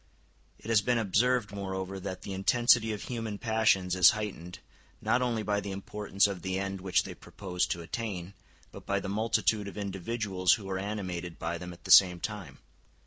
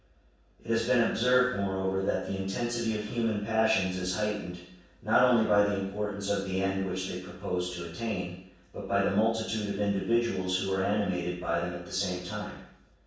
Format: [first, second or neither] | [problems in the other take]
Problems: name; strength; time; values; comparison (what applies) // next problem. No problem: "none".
first | room echo; dies away in 0.7 s